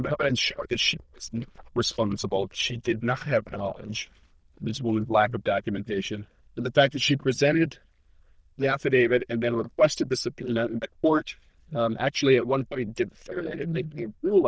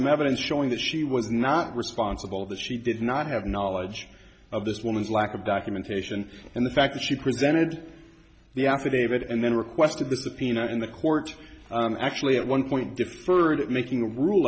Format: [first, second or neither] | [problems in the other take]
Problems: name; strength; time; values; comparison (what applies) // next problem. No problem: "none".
second | noise reduction (neural diffusion model UNIVERSE++)